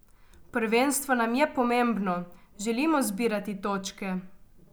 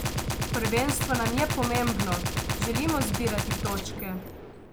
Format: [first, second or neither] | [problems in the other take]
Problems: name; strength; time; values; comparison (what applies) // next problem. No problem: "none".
first | background sound (Gunshot, gunfire); 1 dB above the speech